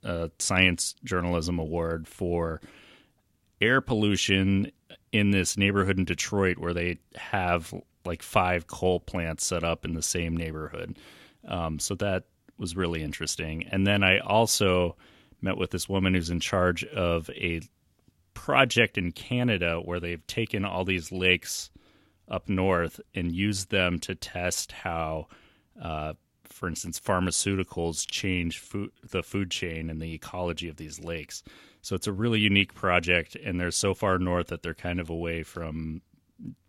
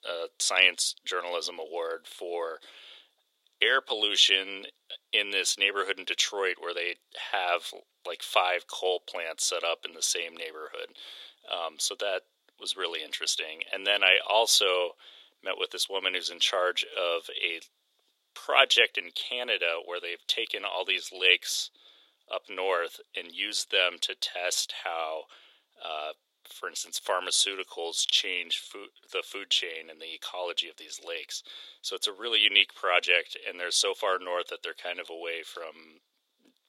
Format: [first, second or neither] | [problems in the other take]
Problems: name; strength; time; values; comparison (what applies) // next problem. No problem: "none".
first | thin; very; fading below 450 Hz